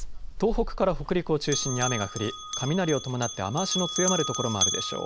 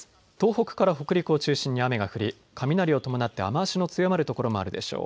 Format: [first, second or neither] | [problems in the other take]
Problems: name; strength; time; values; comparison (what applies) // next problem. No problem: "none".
second | background sound (Bell); 4 dB below the speech